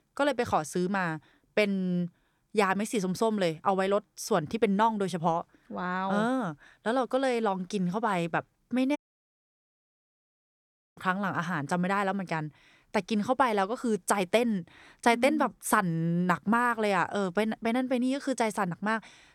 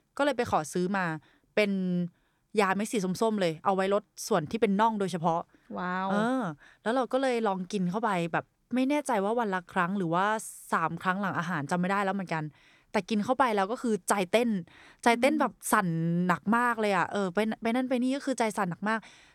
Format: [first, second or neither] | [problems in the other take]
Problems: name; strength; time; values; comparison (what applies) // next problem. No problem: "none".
second | audio cutting out; at 9 s for 2 s